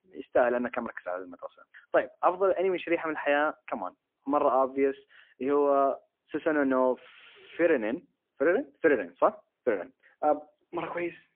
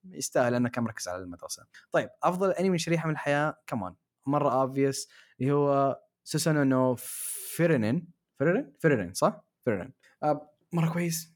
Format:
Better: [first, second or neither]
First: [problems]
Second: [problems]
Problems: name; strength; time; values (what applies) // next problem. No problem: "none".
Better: second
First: phone-call audio; poor line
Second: none